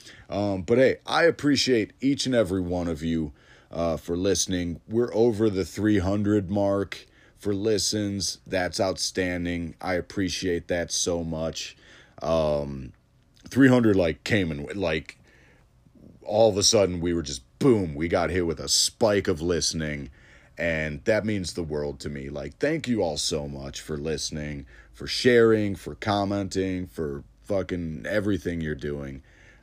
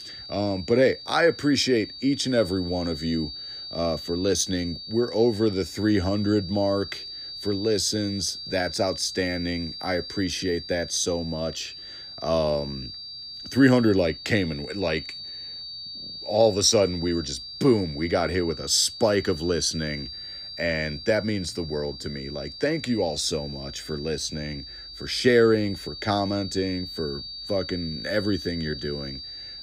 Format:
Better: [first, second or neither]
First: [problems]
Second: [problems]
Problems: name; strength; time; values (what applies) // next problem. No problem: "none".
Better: first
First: none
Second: high-pitched whine; noticeable; throughout; 4.5 kHz, 10 dB below the speech